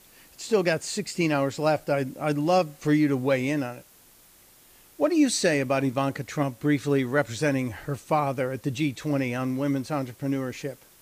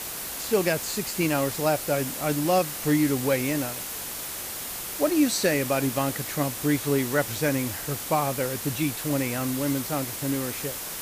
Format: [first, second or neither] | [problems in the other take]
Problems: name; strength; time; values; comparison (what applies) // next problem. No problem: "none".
first | hiss; loud; throughout; 5 dB below the speech; faint in the first